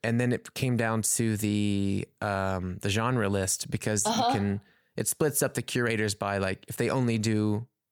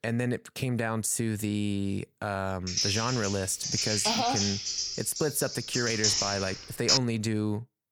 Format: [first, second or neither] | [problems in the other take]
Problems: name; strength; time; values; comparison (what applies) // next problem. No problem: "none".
first | keyboard typing; loud; from 2.5 to 7 s; peak 6 dB above the speech